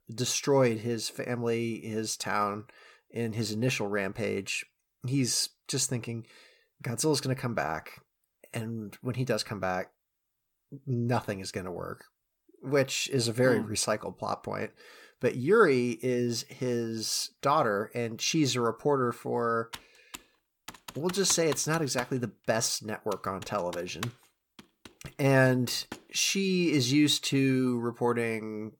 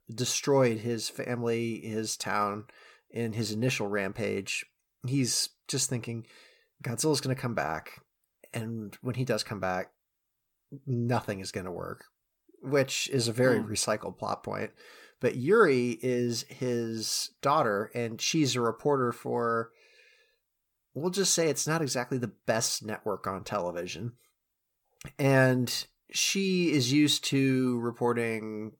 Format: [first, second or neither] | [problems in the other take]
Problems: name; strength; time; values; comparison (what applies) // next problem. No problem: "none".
second | keyboard typing; faint; from 20 to 26 s; peak 10 dB below the speech